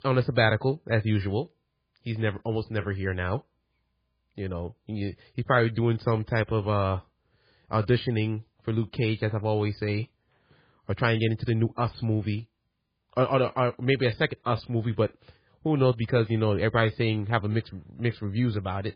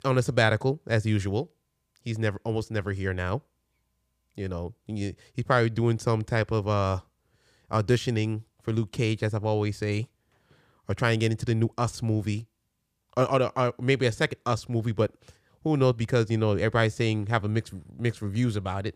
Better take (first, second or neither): second